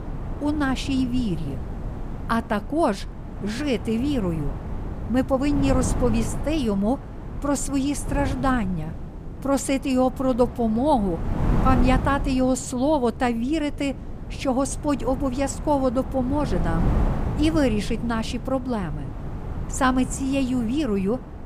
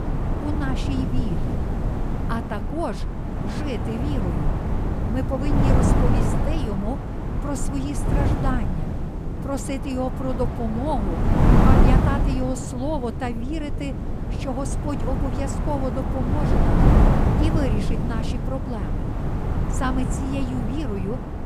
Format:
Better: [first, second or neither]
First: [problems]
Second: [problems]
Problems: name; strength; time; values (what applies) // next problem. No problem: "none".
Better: first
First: wind noise on the microphone; occasional gusts; 10 dB below the speech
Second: wind noise on the microphone; heavy; as loud as the speech